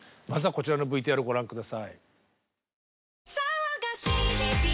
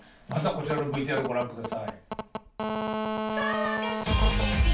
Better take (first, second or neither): first